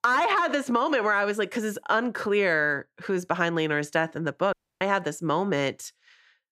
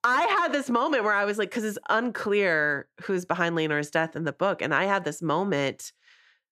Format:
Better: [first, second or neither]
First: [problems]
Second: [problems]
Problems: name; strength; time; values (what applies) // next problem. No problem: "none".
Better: second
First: audio cutting out; at 4.5 s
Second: none